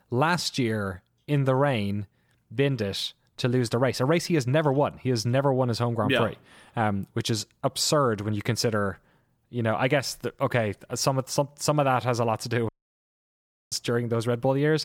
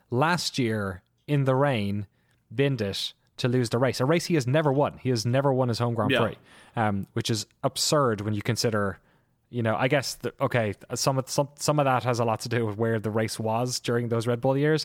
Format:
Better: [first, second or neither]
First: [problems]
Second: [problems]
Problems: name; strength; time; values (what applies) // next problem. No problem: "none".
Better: second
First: audio cutting out; at 13 s for 1 s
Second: none